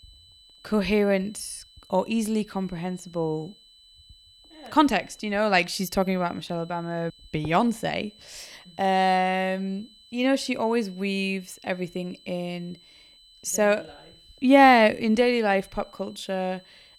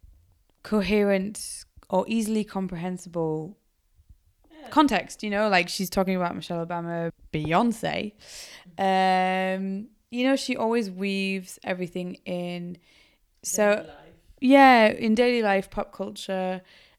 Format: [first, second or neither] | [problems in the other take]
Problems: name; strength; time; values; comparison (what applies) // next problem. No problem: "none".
second | high-pitched whine; faint; throughout; 4 kHz, 25 dB below the speech